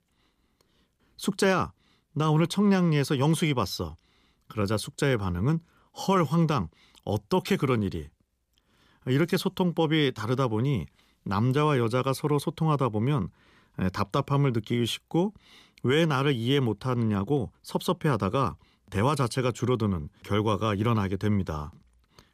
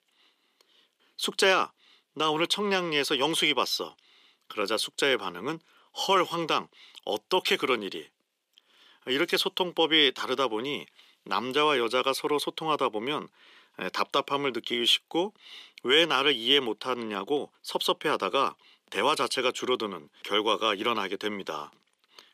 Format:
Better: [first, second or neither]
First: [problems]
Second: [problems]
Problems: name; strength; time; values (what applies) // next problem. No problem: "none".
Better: first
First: none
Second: thin; very; fading below 350 Hz